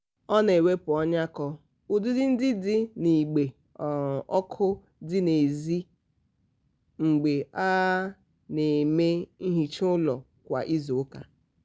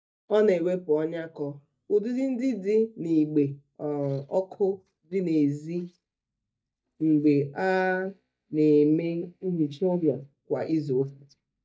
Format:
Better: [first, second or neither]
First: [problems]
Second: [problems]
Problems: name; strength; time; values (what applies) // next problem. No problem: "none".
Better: first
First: none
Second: noise reduction (neural mask model DeepFilterNet 3)